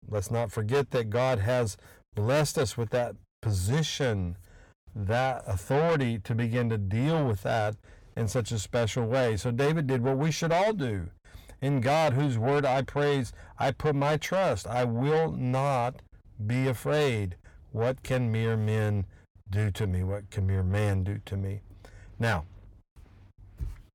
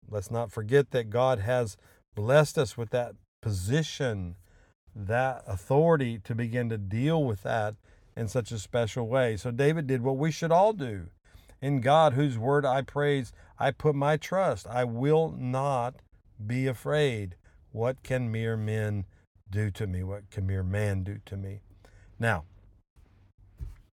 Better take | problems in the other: second | distortion; heavy; 8 dB below the speech

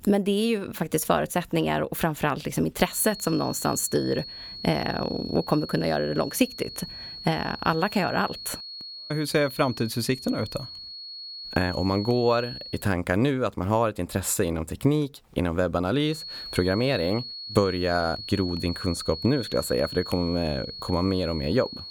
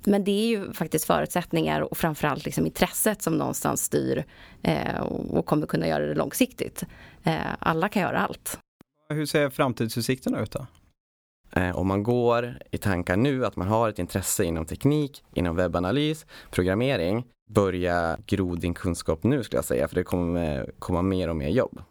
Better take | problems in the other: second | high-pitched whine; noticeable; from 3 to 13 s and from 16 s on; 4.5 kHz, 10 dB below the speech

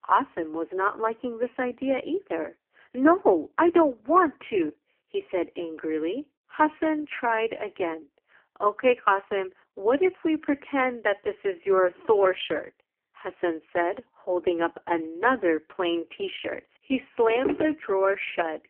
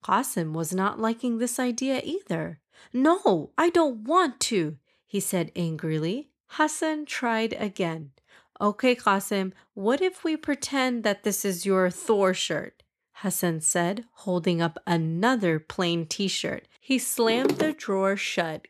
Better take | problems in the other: second | phone-call audio; poor line; nothing above 3 kHz

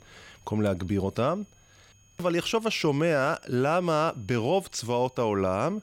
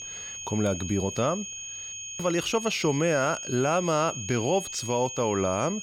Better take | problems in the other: first | high-pitched whine; loud; throughout; 6.5 kHz, 8 dB below the speech; faint in the first

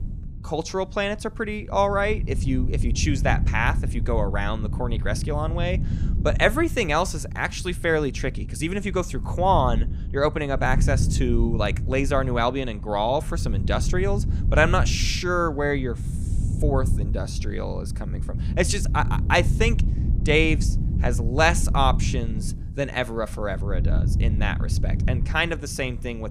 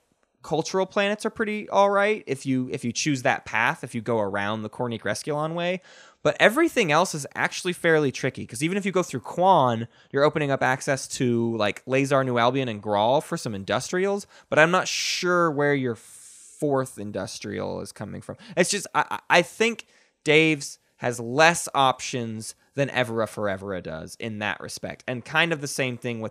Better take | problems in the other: second | wind noise on the microphone; occasional gusts; 15 dB below the speech

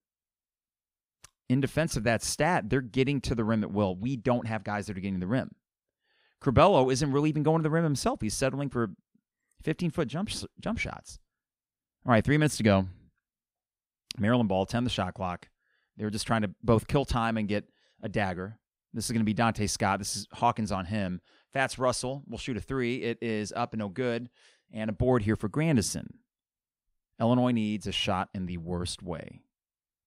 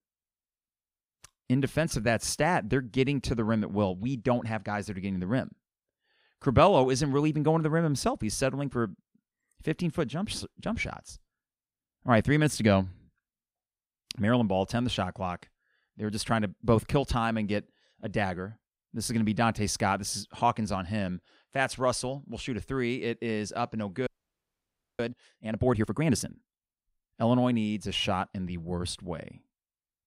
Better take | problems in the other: first | audio freezing; at 24 s for 1 s

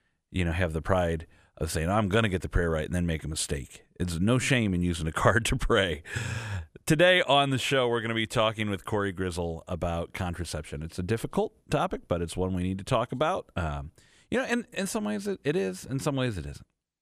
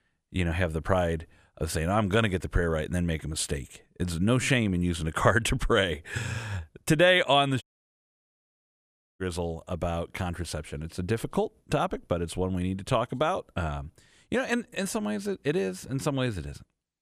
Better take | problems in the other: first | audio cutting out; at 7.5 s for 1.5 s

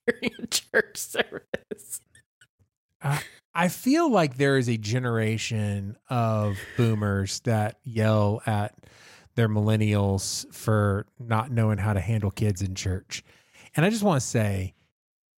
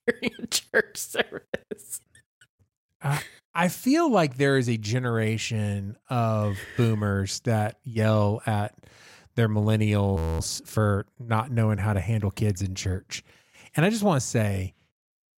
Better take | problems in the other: first | audio freezing; at 10 s

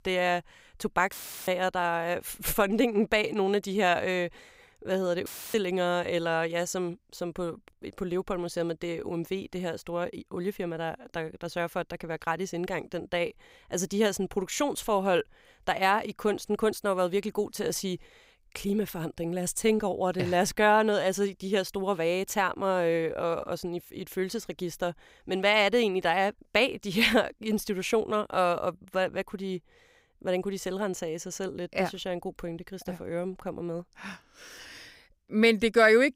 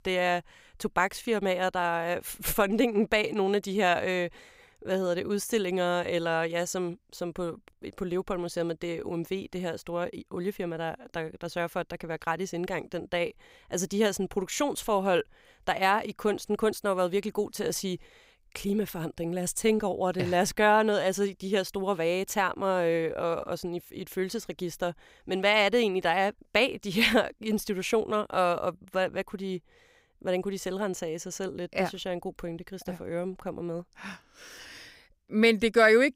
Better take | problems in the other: second | audio cutting out; filled with static; at 1 s and at 5.5 s

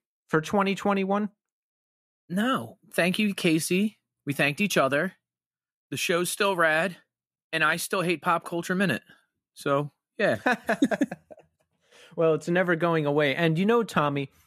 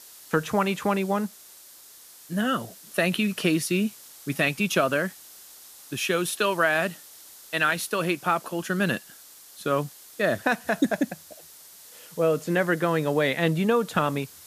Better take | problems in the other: first | hiss; noticeable; throughout; 20 dB below the speech

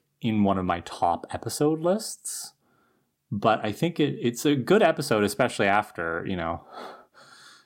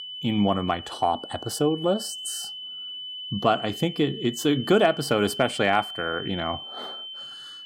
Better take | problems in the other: first | high-pitched whine; loud; throughout; 3 kHz, 10 dB below the speech

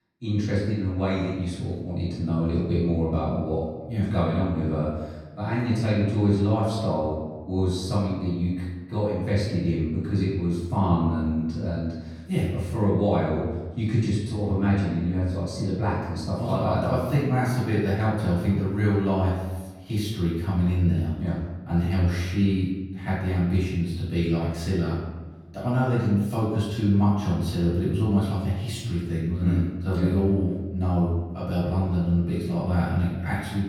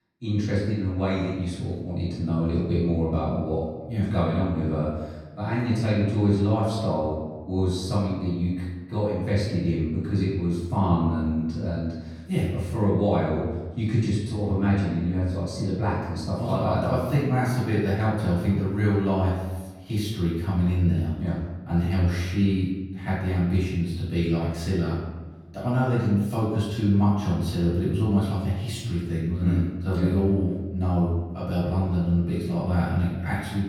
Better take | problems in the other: neither | off-mic speech; far; the same in both // room echo; noticeable; dies away in 1.1 s; the same in both

